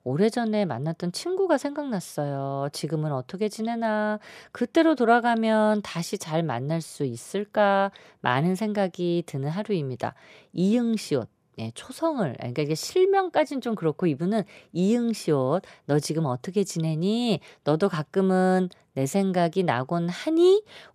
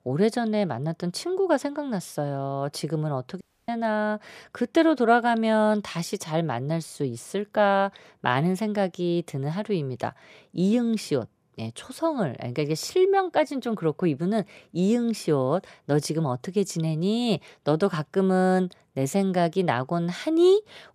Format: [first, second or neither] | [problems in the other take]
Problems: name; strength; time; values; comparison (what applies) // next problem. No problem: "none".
first | audio cutting out; at 3.5 s